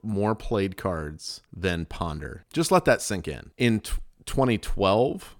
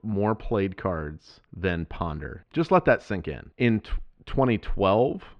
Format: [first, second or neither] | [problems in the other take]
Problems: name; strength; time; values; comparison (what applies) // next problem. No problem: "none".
first | muffled; very; fading above 3 kHz